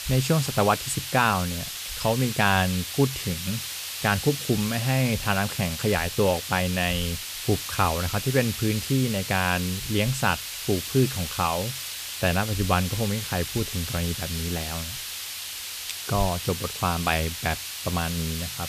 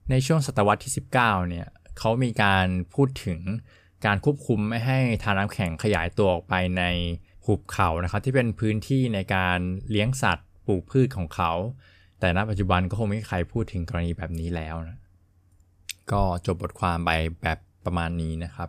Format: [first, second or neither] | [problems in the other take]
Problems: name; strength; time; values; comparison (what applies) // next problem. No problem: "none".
second | hiss; loud; throughout; 5 dB below the speech